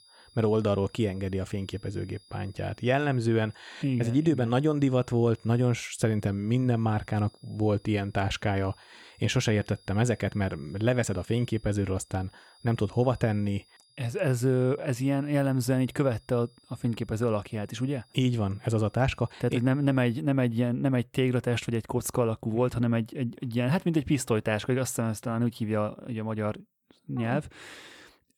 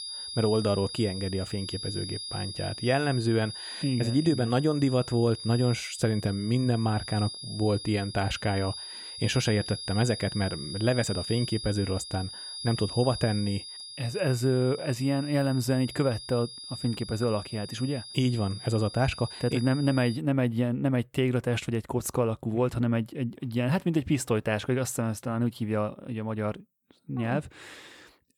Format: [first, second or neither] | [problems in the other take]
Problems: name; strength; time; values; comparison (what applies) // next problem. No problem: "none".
first | high-pitched whine; loud; until 20 s; 5 kHz, 9 dB below the speech; faint in the first